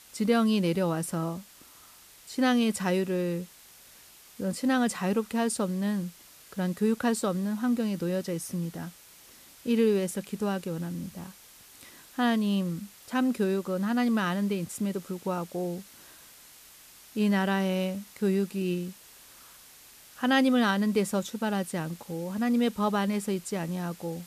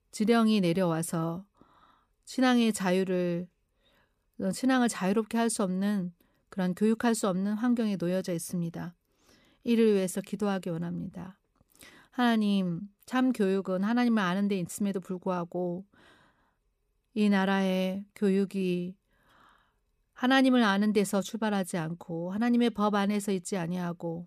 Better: second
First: hiss; faint; throughout; 20 dB below the speech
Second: none

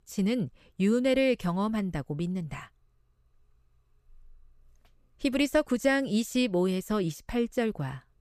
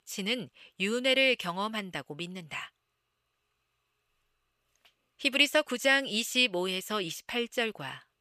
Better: first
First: none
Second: thin; somewhat; fading below 900 Hz

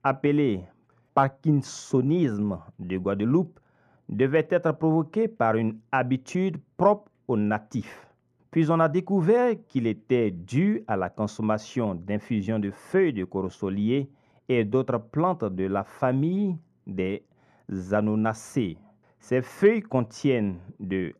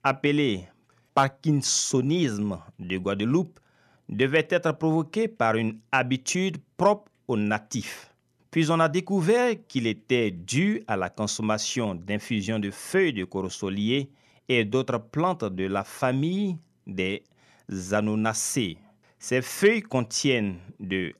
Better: second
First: muffled; very; fading above 2 kHz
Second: none

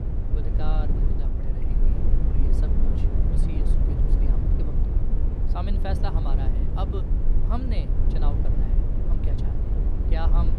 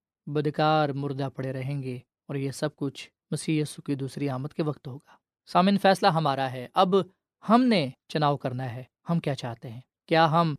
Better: second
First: low rumble; loud; throughout; as loud as the speech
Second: none

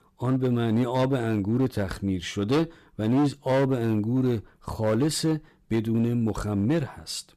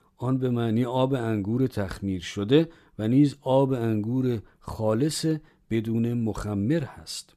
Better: second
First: distortion; slight; 9% of the sound clipped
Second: none

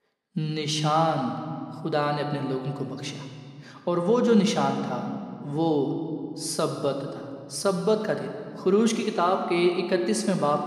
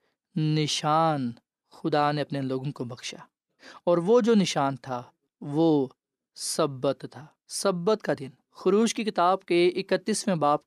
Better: second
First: room echo; slight; dies away in 1.8 s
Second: none

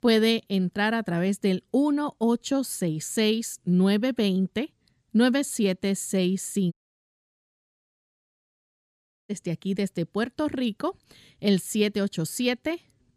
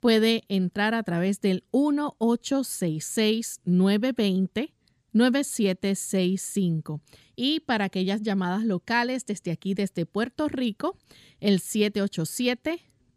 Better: second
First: audio cutting out; at 6.5 s for 2.5 s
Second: none

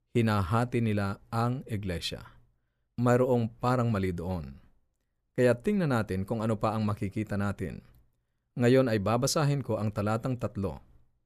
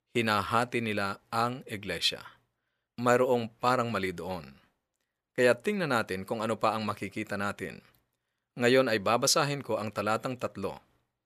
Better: first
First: none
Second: thin; somewhat; fading below 550 Hz

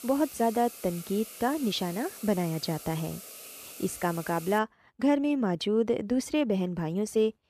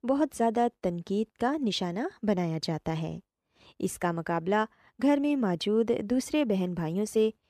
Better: second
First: hiss; noticeable; until 4.5 s; 15 dB below the speech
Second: none

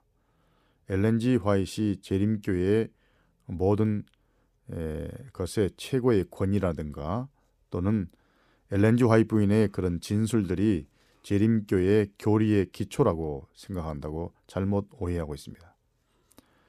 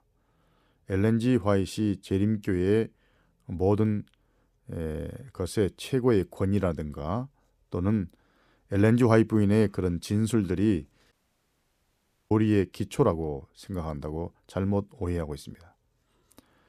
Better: first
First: none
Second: audio cutting out; at 11 s for 1 s

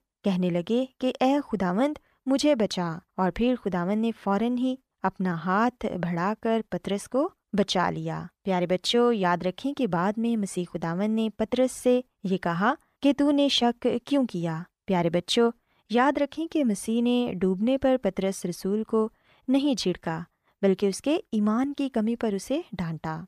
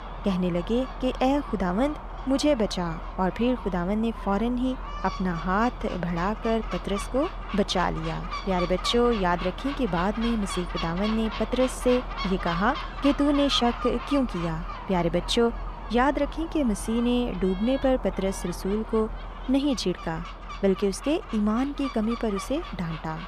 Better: first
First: none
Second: animal sounds; loud; throughout; 10 dB below the speech

